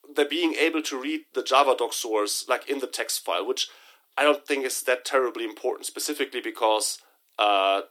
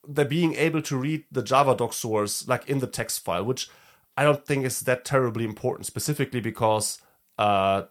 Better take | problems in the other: second | thin; somewhat; fading below 300 Hz

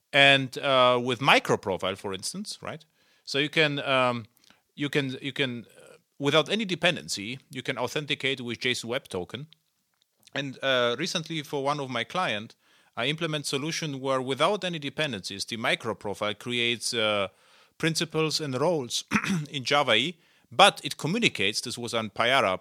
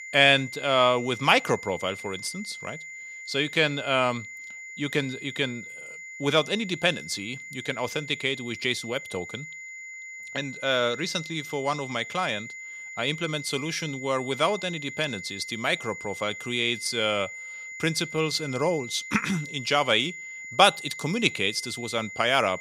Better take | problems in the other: first | high-pitched whine; noticeable; throughout; 2 kHz, 10 dB below the speech

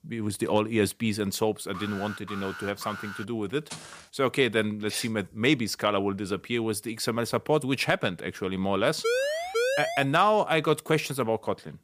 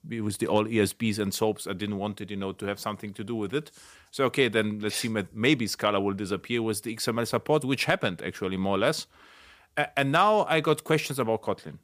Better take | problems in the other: second | alarm; faint; from 1.5 to 3.5 s; peak 10 dB below the speech // footsteps; faint; at 3.5 s; peak 15 dB below the speech // siren; loud; from 9 to 10 s; peak 1 dB above the speech

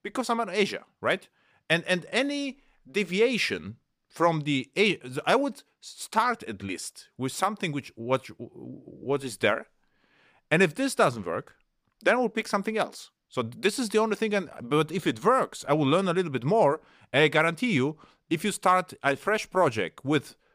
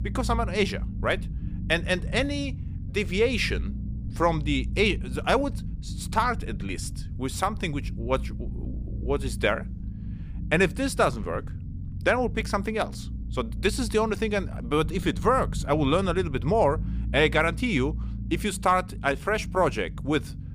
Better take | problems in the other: first | low rumble; faint; throughout; 20 dB below the speech

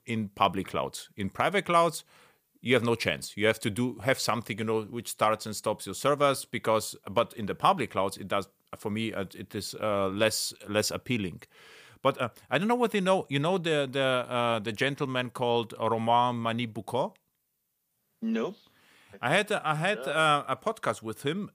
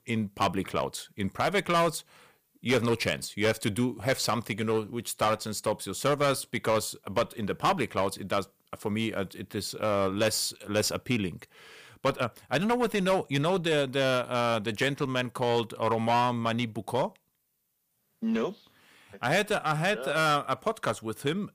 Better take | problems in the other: first | distortion; slight; 6% of the sound clipped

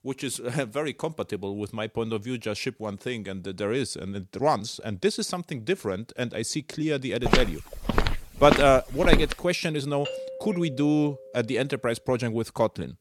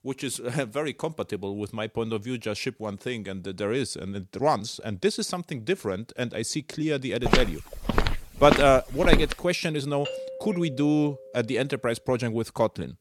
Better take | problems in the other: neither | footsteps; loud; from 7.5 to 9.5 s; peak 2 dB above the speech; the same in both // doorbell; noticeable; from 10 to 12 s; peak 8 dB below the speech; the same in both

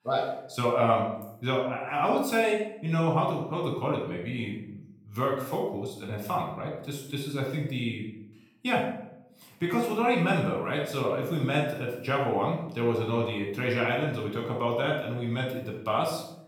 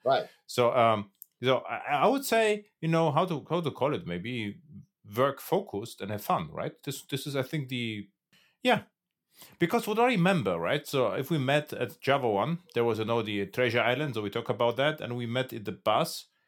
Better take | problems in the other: second | off-mic speech; far // room echo; noticeable; dies away in 0.6 s

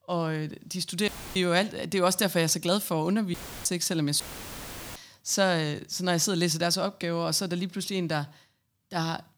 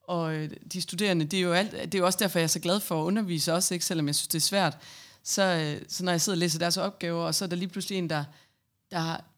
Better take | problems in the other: second | audio cutting out; filled with static; at 1 s, at 3.5 s and at 4 s for 1 s

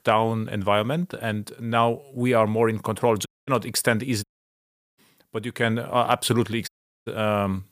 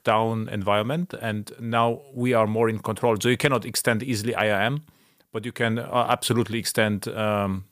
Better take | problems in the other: second | audio cutting out; at 3.5 s, at 4 s for 0.5 s and at 6.5 s

